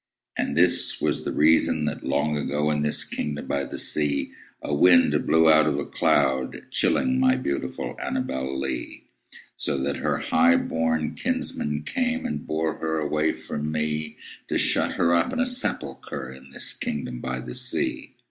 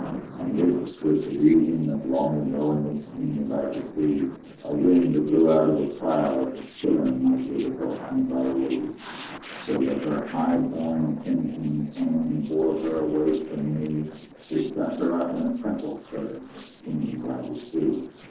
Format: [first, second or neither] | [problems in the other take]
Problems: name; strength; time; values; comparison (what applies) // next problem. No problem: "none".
first | noise reduction (neural separator model SepFormer DNS4)